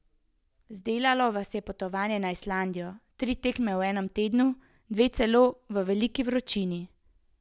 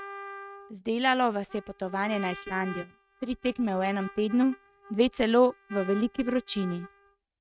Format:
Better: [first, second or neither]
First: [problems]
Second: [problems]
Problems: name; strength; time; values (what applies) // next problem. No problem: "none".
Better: first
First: none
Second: noise reduction (neural mask model RNNoise)